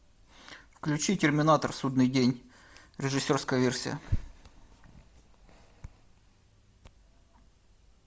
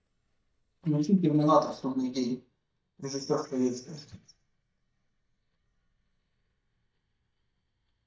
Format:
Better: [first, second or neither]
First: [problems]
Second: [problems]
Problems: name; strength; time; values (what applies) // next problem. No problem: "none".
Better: first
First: none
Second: noise reduction (neural mask model DeepFilterNet 3)